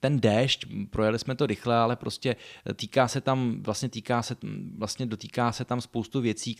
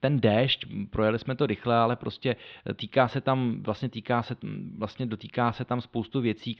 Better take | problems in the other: first | muffled; slightly; fading above 3.5 kHz

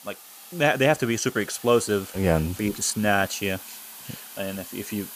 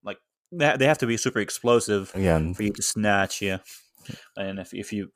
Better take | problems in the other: second | hiss; noticeable; throughout; 15 dB below the speech

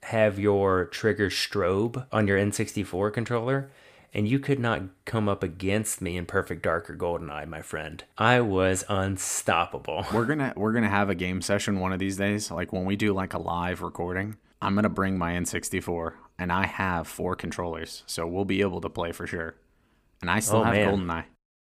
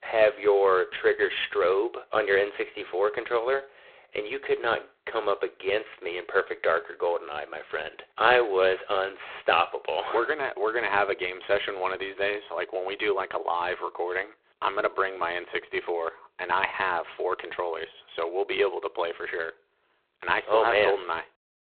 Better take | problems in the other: first | phone-call audio; poor line; nothing above 4 kHz

